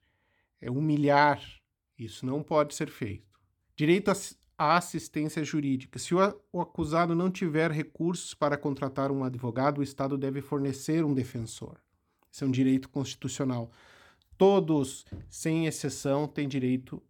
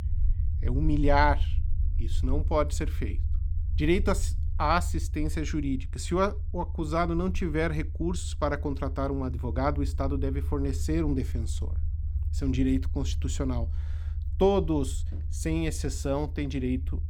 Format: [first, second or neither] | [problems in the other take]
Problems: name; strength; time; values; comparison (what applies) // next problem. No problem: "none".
first | low rumble; faint; throughout; 20 dB below the speech